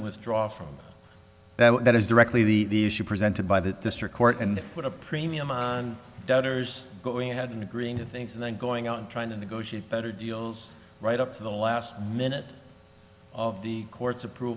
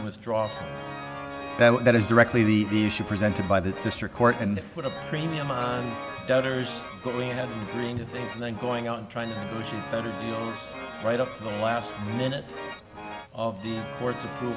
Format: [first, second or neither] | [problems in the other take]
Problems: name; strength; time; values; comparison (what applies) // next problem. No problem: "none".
first | background sound (Organ); 11 dB below the speech